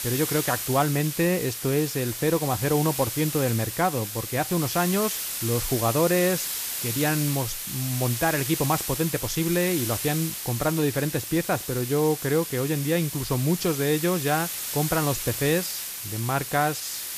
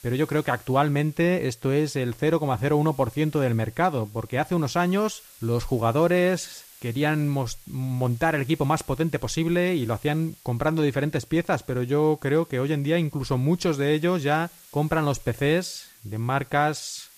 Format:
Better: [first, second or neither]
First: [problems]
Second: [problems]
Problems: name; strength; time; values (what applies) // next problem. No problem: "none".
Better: second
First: hiss; loud; throughout; 4 dB below the speech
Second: hiss; faint; throughout; 25 dB below the speech